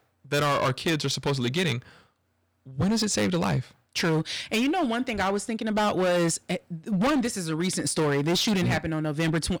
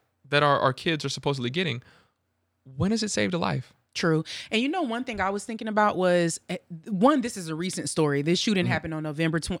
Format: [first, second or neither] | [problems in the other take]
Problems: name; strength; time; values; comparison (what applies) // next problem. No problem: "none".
second | distortion; heavy; 15% of the sound clipped